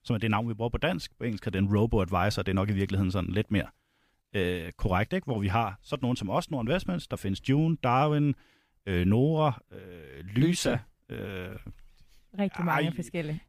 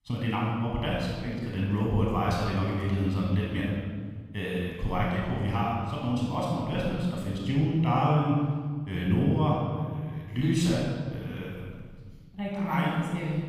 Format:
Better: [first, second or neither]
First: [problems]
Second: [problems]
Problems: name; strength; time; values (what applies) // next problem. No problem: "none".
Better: first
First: none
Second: room echo; strong; dies away in 1.6 s // off-mic speech; far